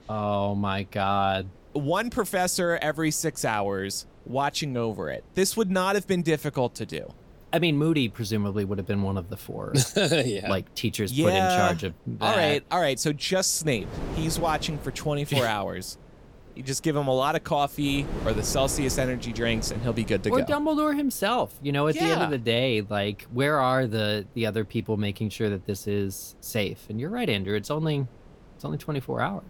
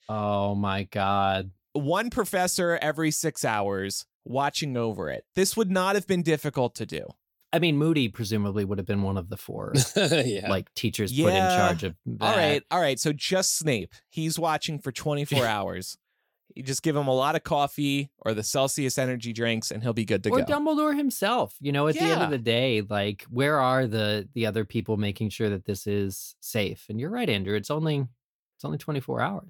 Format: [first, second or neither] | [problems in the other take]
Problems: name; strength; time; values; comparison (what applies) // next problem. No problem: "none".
second | wind noise on the microphone; occasional gusts; 20 dB below the speech